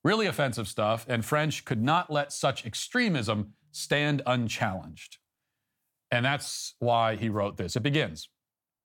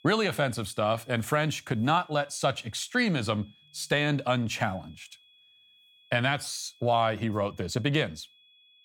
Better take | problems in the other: first | high-pitched whine; faint; throughout; 3.5 kHz, 30 dB below the speech

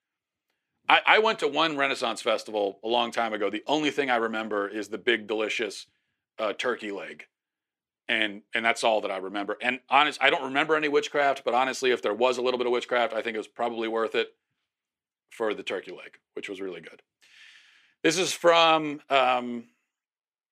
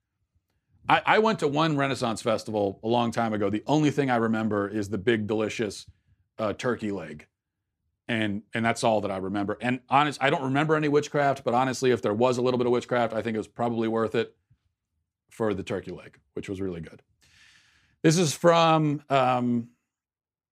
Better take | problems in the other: second | thin; somewhat; fading below 400 Hz

